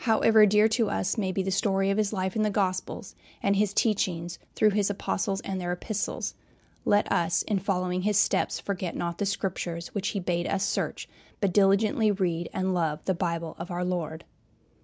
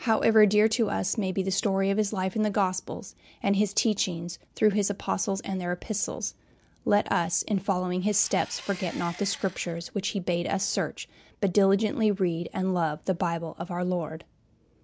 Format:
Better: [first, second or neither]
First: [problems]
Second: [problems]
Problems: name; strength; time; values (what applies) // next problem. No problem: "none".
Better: first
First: none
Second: background sound (Engine); 19 dB below the speech